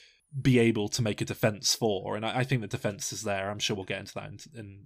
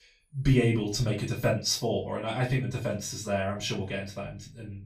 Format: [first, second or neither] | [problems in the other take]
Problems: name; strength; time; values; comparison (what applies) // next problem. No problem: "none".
first | off-mic speech; far // room echo; very slight; dies away in 0.3 s